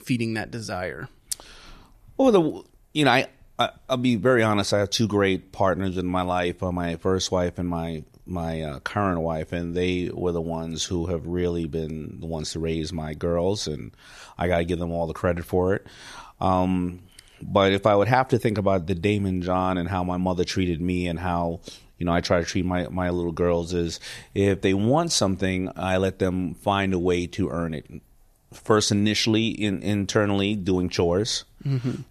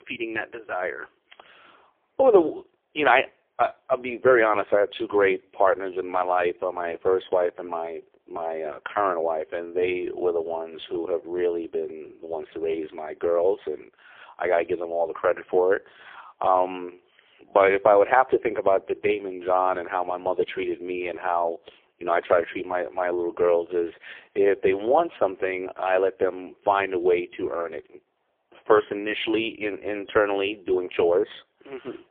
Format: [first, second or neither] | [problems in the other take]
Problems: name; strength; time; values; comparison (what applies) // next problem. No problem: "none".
first | phone-call audio; poor line; nothing above 3.5 kHz